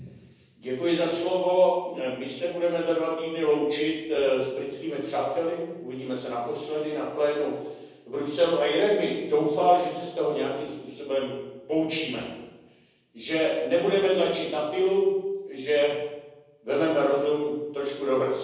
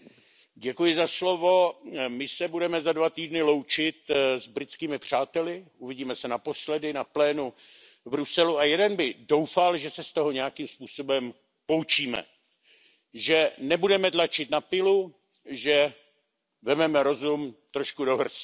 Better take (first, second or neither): second